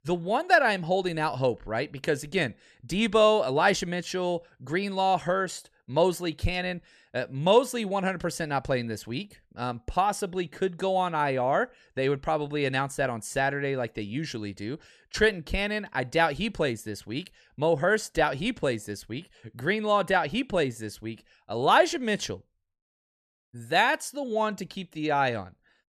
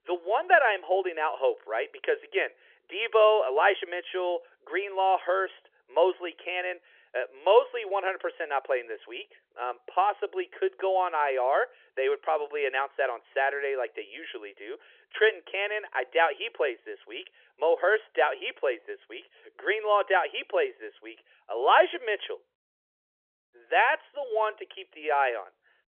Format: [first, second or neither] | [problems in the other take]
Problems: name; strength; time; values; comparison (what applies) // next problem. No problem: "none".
first | phone-call audio; nothing above 3.5 kHz